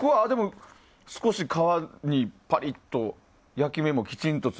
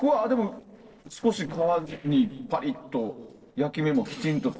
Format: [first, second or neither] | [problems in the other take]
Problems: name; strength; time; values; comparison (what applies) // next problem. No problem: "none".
first | noise reduction (neural separator model SepFormer DNS4)